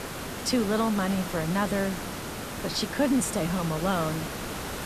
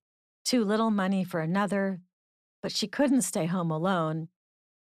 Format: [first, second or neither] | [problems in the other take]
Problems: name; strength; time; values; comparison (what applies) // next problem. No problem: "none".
second | hiss; loud; throughout; 7 dB below the speech